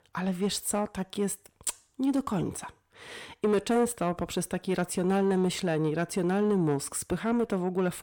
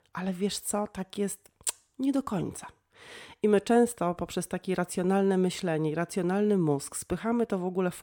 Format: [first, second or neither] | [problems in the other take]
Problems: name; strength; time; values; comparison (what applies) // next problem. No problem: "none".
second | distortion; slight; 10 dB below the speech